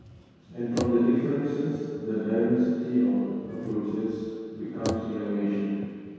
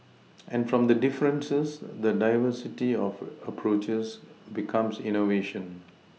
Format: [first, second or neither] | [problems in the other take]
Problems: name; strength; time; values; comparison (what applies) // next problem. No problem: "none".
second | background sound (Bicycle); 13 dB below the speech // room echo; dies away in 2 s